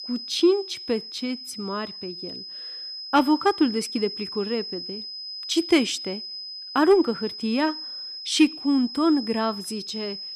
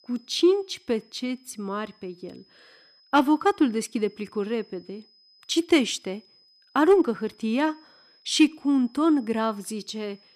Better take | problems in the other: second | high-pitched whine; loud; throughout; 5 kHz, 10 dB below the speech; faint in the second

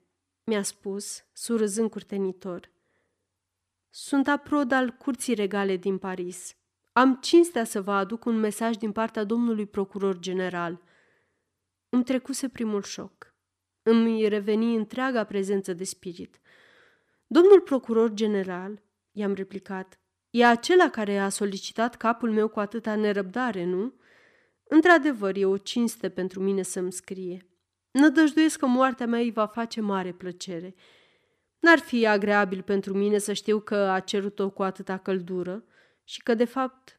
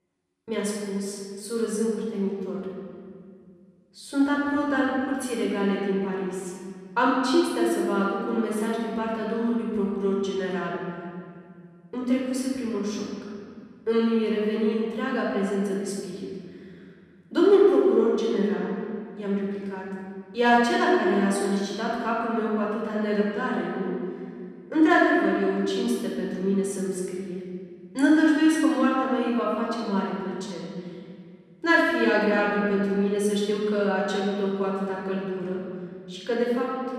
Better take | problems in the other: first | off-mic speech; far // room echo; strong; dies away in 2.4 s

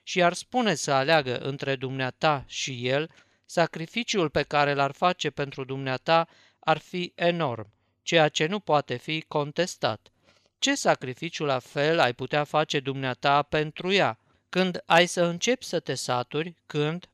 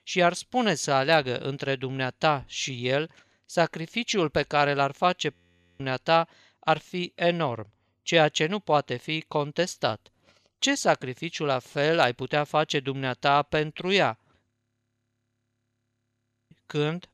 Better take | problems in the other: first | audio freezing; at 5.5 s and at 15 s for 2 s

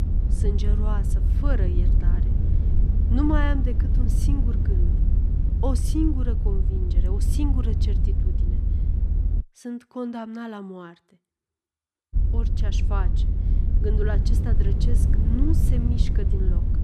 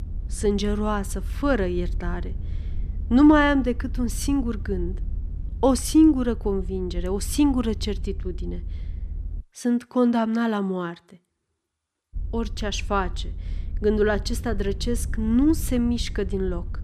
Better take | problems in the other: second | low rumble; loud; until 9.5 s and from 12 s on; 5 dB below the speech; faint in the second

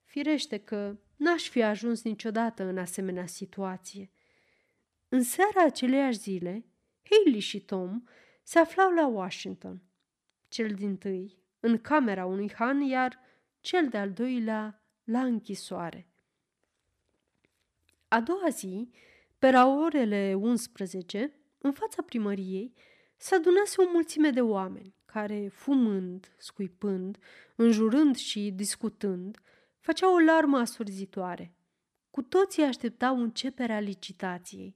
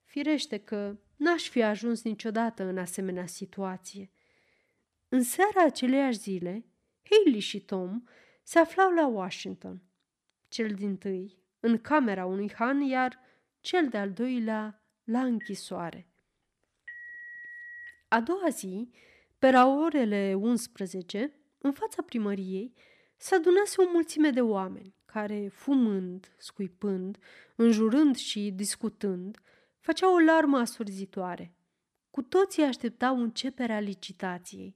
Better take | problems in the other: first | phone ringing; faint; from 15 to 18 s; peak 15 dB below the speech

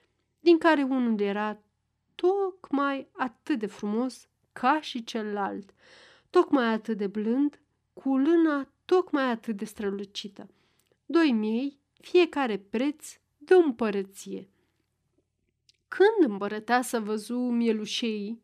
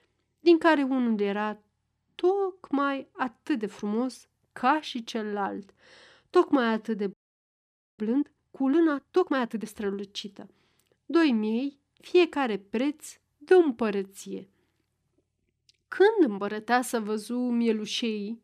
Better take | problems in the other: first | audio freezing; at 7 s for 1 s

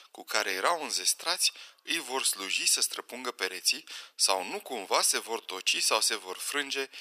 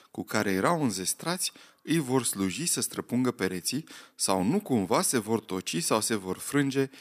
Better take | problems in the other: second | thin; very; fading below 550 Hz

